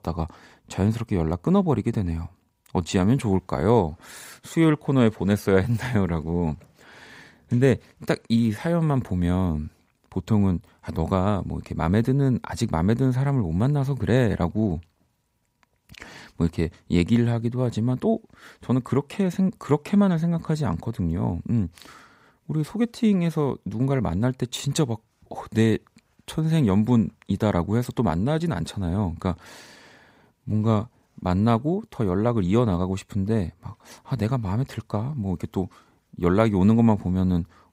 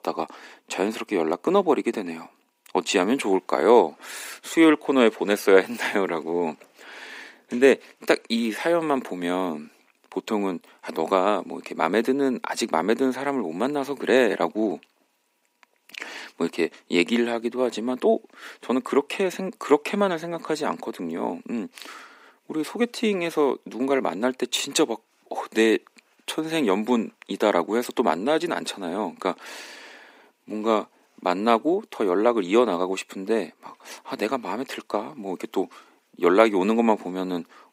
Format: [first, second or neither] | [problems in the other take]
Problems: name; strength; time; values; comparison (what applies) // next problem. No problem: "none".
first | thin; somewhat; fading below 300 Hz